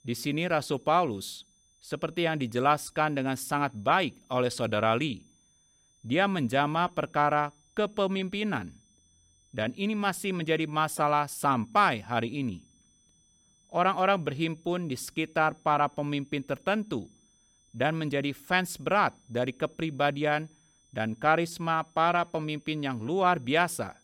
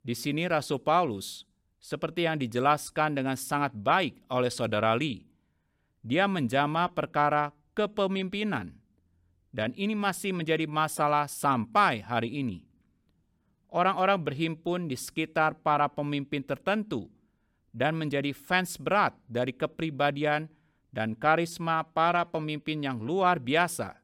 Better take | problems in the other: second | high-pitched whine; faint; throughout; 6 kHz, 35 dB below the speech

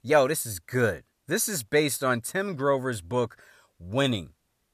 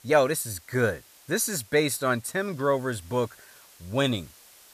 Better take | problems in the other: first | hiss; faint; throughout; 25 dB below the speech

